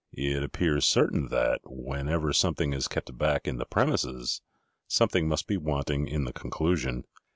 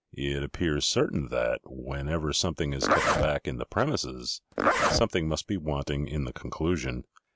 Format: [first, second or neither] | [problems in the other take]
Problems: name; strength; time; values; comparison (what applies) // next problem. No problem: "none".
first | background sound (Zipper (clothing)); as loud as the speech